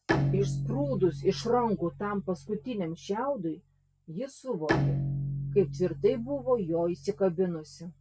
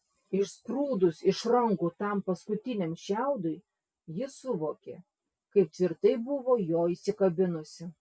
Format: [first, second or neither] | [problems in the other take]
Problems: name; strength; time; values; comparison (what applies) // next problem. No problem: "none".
second | background sound (Bowed string instrument); 4 dB below the speech